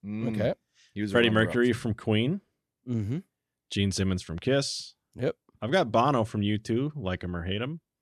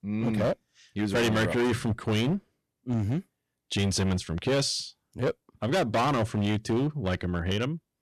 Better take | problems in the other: first | distortion; heavy; 13% of the sound clipped

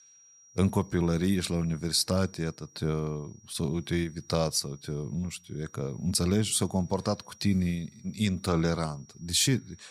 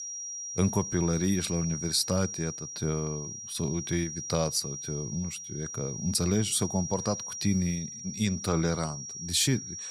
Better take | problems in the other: first | high-pitched whine; loud; throughout; 5.5 kHz, 6 dB below the speech; faint in the first

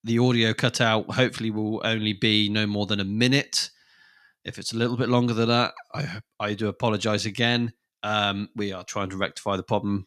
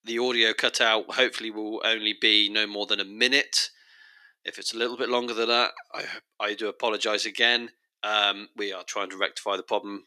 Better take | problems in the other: first | thin; very; fading below 350 Hz

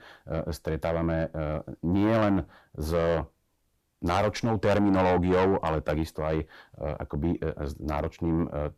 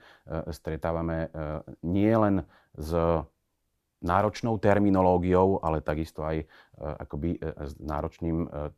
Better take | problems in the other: second | distortion; heavy; 6 dB below the speech

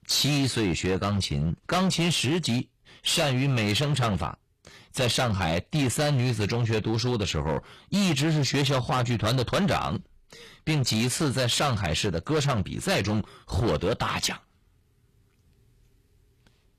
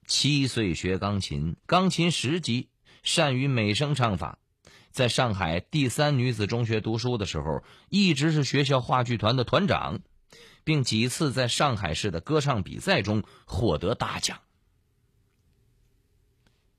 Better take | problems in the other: second | distortion; heavy; 15% of the sound clipped

